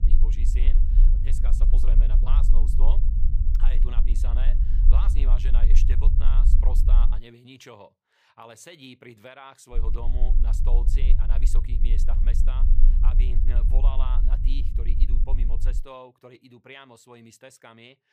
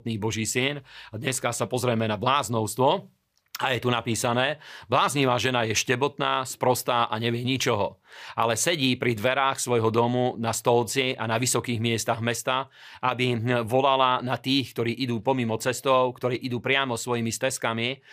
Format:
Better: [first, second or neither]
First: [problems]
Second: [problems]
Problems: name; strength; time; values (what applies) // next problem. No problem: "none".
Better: second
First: low rumble; loud; until 7 s and from 9.5 to 16 s; 4 dB below the speech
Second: none